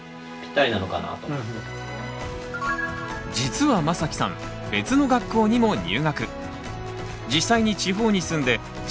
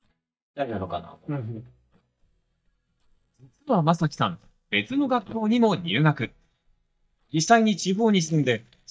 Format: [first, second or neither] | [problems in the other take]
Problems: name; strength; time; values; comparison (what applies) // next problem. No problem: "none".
first | noise reduction (neural mask model DeepFilterNet 3)